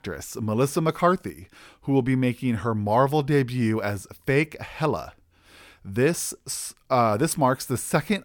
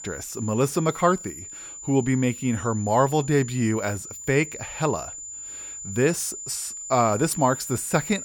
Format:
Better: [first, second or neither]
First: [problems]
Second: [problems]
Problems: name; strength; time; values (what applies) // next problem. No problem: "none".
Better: first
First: none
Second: high-pitched whine; noticeable; throughout; 7 kHz, 10 dB below the speech